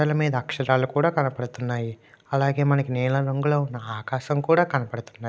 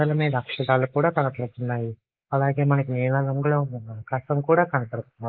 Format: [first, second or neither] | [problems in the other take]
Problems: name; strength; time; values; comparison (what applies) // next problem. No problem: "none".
first | noise reduction (neural mask model Resemble Enhance denoiser)